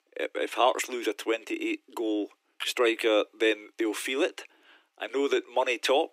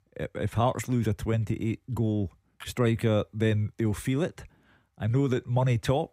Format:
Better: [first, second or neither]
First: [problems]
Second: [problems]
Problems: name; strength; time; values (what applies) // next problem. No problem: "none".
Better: second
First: thin; very; fading below 300 Hz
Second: none